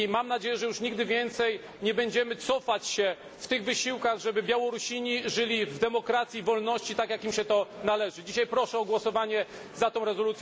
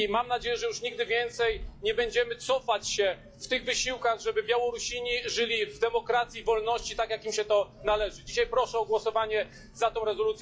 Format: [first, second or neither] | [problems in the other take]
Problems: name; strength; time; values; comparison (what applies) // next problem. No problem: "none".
first | noise reduction (classical method log-MMSE)